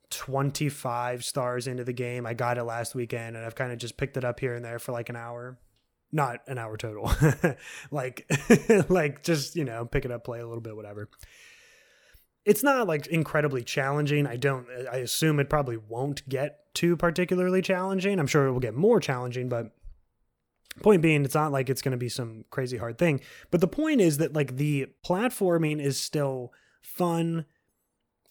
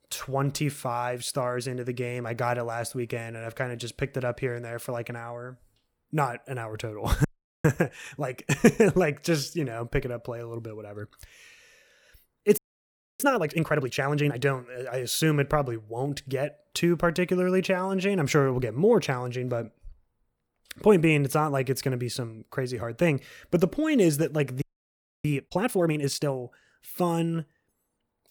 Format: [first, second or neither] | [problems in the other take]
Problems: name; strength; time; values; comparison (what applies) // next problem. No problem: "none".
first | audio freezing; at 7.5 s, at 13 s for 0.5 s and at 25 s for 0.5 s